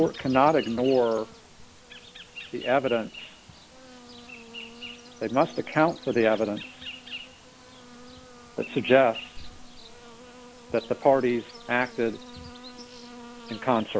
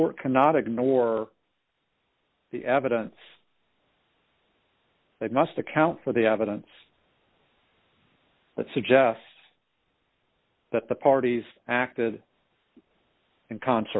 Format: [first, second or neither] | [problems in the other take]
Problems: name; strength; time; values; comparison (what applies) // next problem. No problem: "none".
second | background sound (Insect); 16 dB below the speech